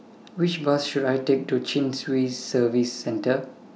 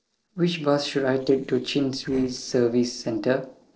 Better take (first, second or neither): first